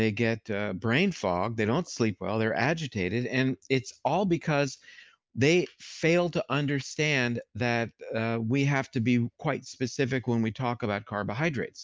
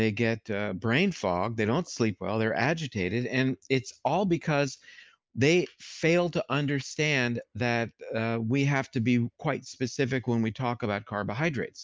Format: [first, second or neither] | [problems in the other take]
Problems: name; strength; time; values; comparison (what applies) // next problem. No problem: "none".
first | noise reduction (neural mask model Resemble Enhance denoiser)